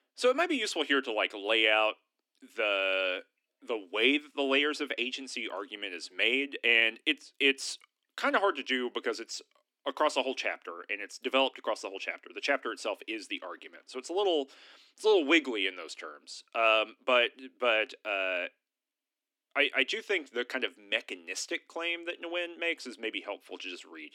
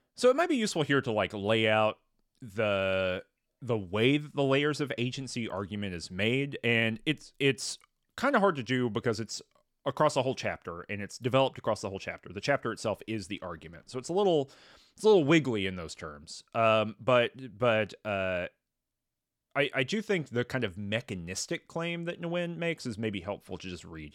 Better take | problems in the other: second | thin; very slightly; fading below 250 Hz

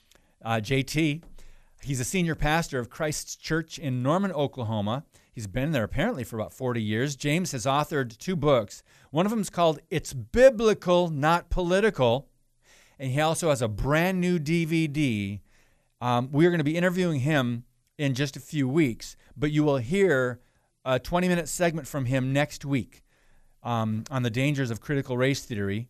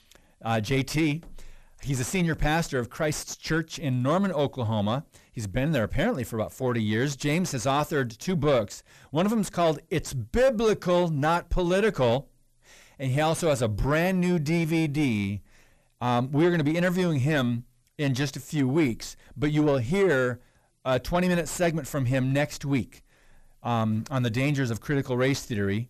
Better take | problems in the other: first | distortion; slight; 9 dB below the speech

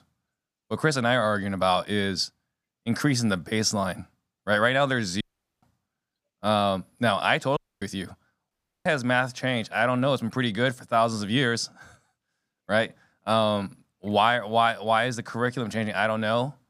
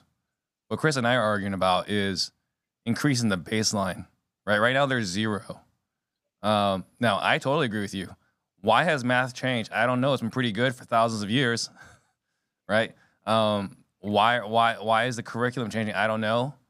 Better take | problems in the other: second | audio cutting out; at 5 s, at 7.5 s and at 8.5 s

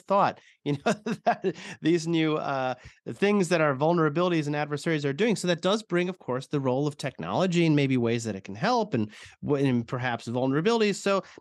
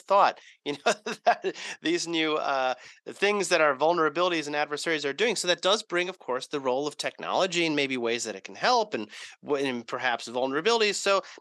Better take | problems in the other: first | thin; somewhat; fading below 450 Hz

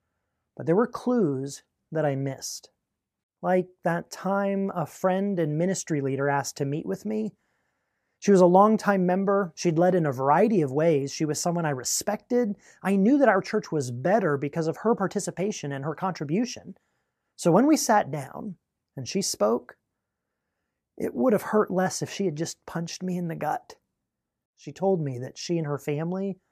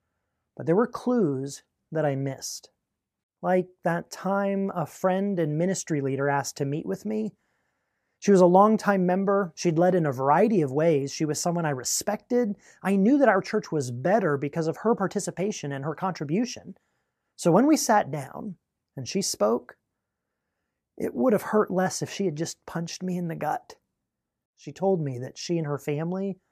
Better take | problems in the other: neither | none

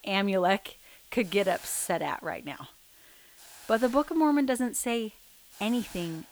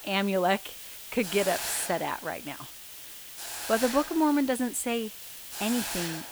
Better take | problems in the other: first | hiss; loud; throughout; 8 dB below the speech; faint in the first

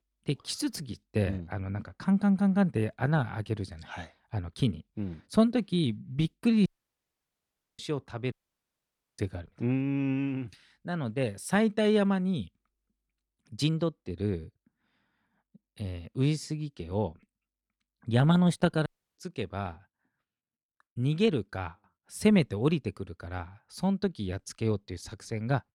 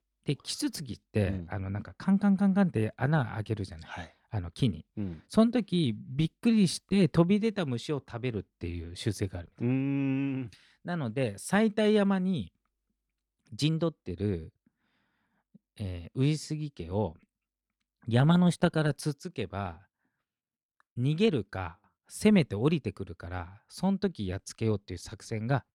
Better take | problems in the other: second | audio cutting out; at 6.5 s for 1 s, at 8.5 s for 1 s and at 19 s

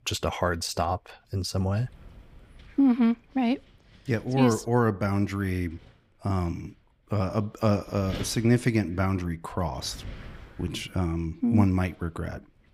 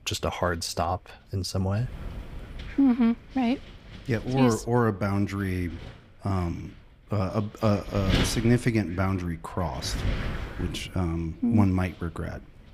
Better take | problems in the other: first | wind noise on the microphone; heavy; 8 dB below the speech; occasional gusts in the first

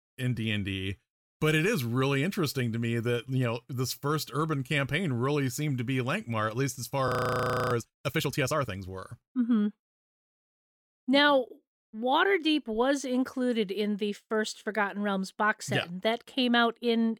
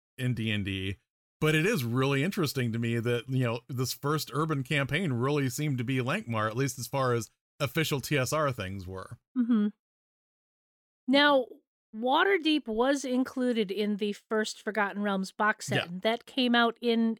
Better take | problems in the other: second | audio freezing; at 7 s for 0.5 s

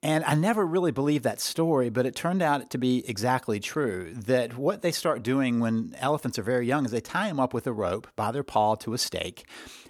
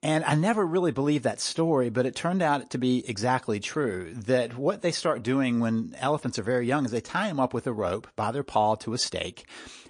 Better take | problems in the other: first | garbled, watery; slightly

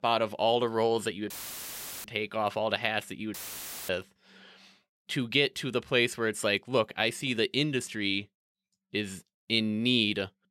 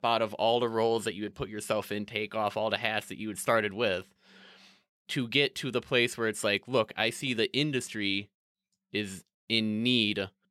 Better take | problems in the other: second | audio cutting out; filled with static; at 1.5 s for 0.5 s and at 3.5 s for 0.5 s

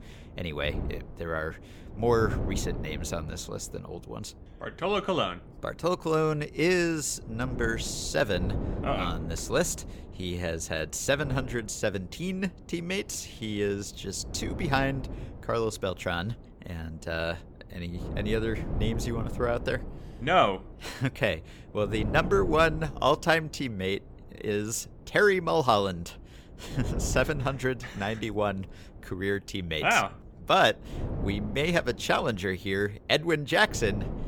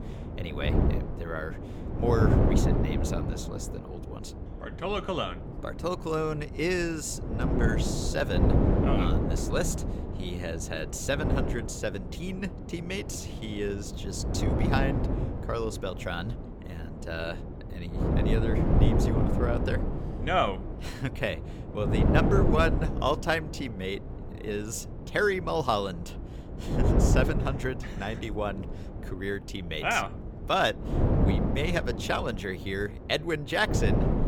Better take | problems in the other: first | wind noise on the microphone; heavy; 5 dB below the speech; occasional gusts in the first

